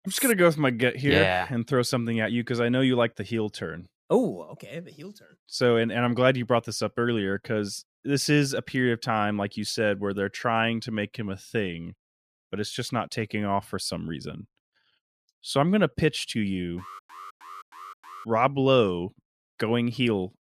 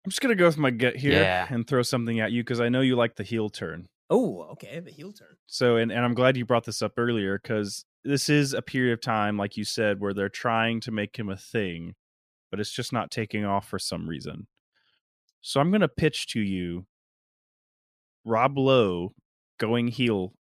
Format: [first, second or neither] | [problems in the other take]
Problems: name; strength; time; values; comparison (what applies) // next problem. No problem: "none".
second | clattering dishes; noticeable; at the start; peak 4 dB below the speech // alarm; faint; from 17 to 18 s; peak 15 dB below the speech